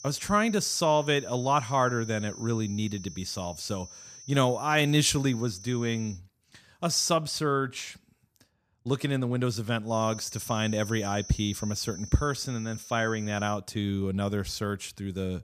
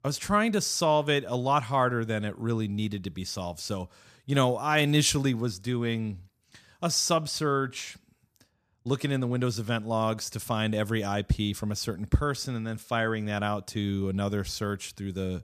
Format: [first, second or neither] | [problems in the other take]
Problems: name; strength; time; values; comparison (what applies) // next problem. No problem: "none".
second | high-pitched whine; noticeable; until 6 s and from 10 to 14 s; 6 kHz, 15 dB below the speech